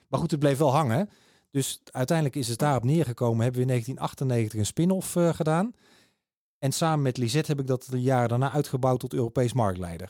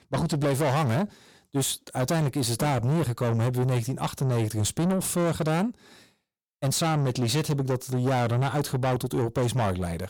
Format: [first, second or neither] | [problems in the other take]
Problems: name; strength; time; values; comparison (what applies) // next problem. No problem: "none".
first | distortion; heavy; 8 dB below the speech